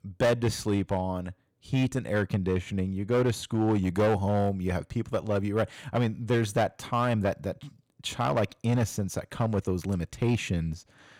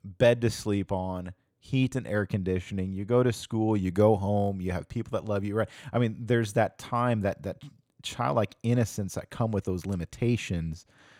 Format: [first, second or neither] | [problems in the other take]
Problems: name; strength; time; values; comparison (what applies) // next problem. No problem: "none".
second | distortion; slight; 6% of the sound clipped